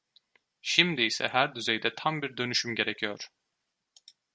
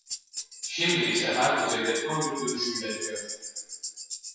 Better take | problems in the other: first | noise reduction (classical method WPE with log-MMSE)

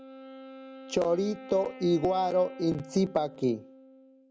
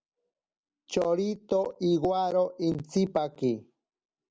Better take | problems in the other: second | background sound (Wind instrument, woodwind instrument); 17 dB below the speech

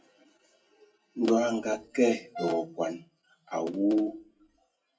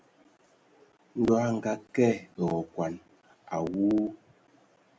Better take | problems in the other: second | noise reduction (classical method WPE with log-MMSE)

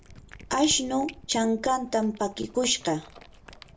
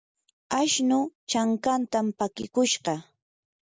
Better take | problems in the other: second | background sound (Cat); 20 dB below the speech // room echo; dies away in 0.2 s

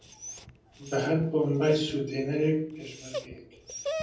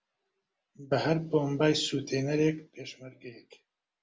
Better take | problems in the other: second | background sound (Dog); 11 dB below the speech // room echo; dies away in 0.6 s

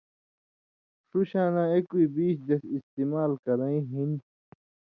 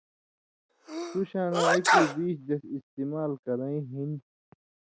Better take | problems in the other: first | background sound (Sneeze); 4 dB above the speech

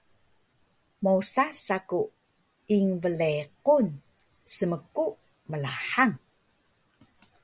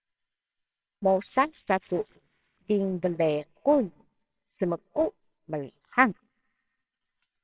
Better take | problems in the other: first | noise reduction (neural separator model SepFormer WHAMR!)

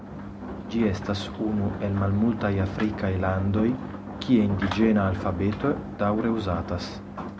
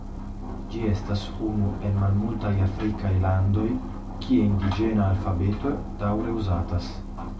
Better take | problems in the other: first | background sound (Engine); 11 dB below the speech // room echo; dies away in 0.2 s

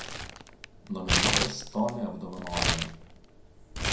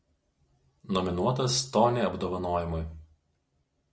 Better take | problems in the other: second | background sound (Crumpling, crinkling); 4 dB above the speech // room echo; dies away in 0.5 s

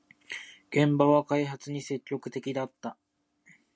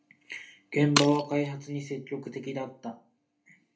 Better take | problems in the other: first | background sound (Shatter); 6 dB below the speech // room echo; dies away in 0.3 s

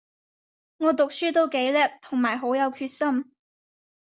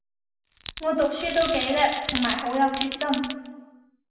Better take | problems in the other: first | background sound (Glass); 8 dB below the speech // room echo; dies away in 1.3 s

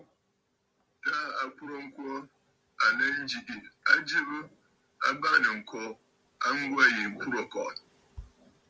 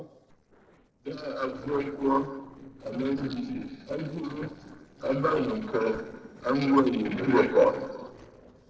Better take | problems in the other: first | noise reduction (neural separator model SepFormer DNS4)

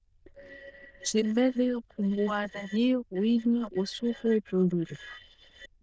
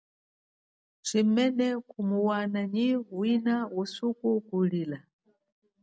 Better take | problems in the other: second | noise reduction (neural diffusion model UNIVERSE++)

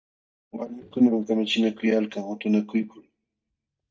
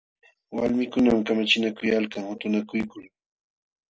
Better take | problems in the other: second | noise reduction (neural mask model DeepFilterNet 3)

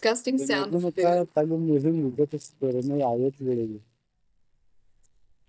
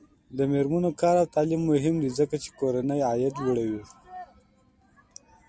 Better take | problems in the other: second | noise reduction (neural mask model DeepFilterNet 3)

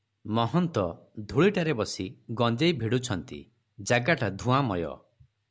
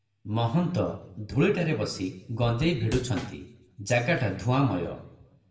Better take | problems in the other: first | background sound (Drum / Drum kit); 9 dB below the speech // room echo; dies away in 0.6 s

